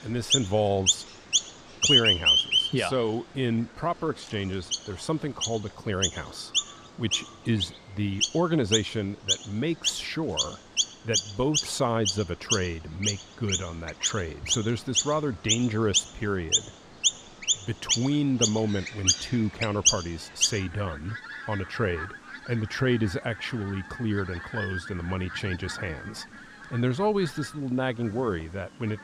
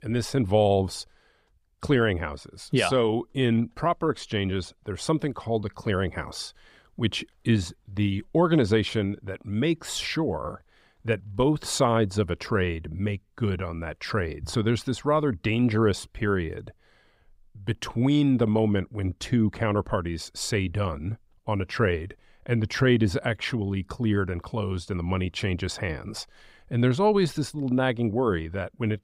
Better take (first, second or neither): second